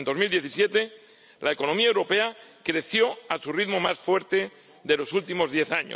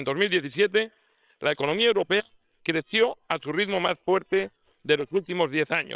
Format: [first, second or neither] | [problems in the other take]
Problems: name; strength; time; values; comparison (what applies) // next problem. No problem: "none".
first | noise reduction (neural separator model SepFormer WHAM!)